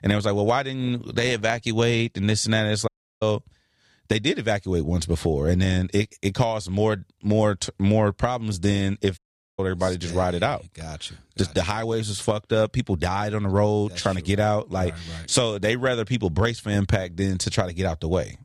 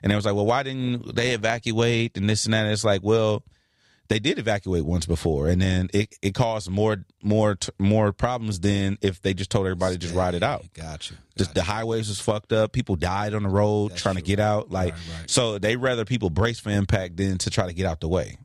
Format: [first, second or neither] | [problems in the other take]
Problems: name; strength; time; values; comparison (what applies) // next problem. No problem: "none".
second | audio cutting out; at 3 s and at 9 s